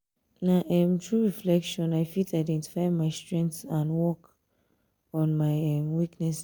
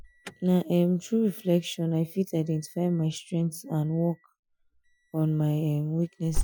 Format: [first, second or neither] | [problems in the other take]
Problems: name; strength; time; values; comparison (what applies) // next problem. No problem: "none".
first | noise reduction (classical method Wiener filter)